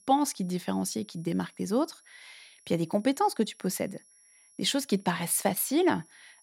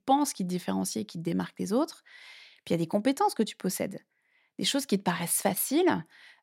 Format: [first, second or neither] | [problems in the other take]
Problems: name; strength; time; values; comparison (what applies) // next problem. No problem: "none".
second | high-pitched whine; faint; throughout; 11 kHz, 30 dB below the speech